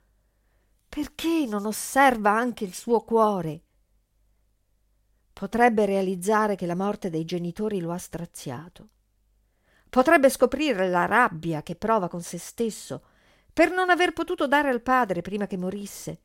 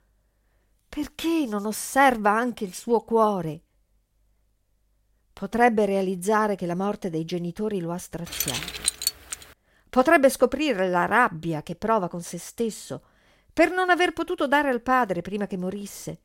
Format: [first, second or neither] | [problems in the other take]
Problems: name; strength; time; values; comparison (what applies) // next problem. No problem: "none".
first | jangling keys; noticeable; from 8.5 to 9.5 s; peak 1 dB below the speech